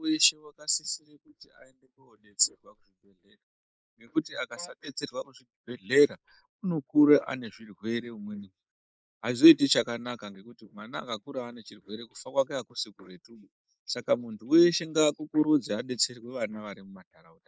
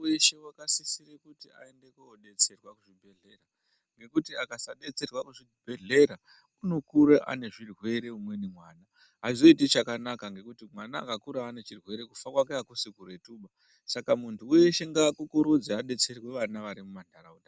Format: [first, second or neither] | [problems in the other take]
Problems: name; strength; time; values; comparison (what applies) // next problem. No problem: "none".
second | noise reduction (neural mask model Resemble Enhance denoiser)